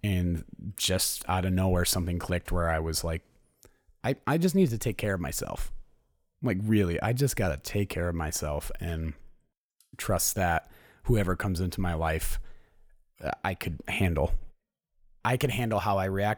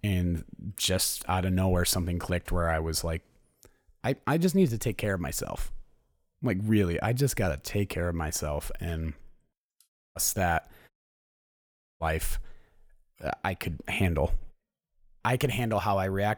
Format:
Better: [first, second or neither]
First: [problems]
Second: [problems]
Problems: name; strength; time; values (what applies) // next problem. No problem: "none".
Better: first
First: none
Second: audio cutting out; at 10 s and at 11 s for 1 s